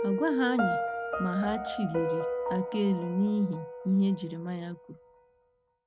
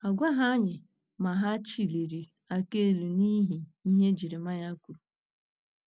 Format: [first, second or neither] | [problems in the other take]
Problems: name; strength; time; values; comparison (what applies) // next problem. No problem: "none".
second | background sound (Piano); 4 dB below the speech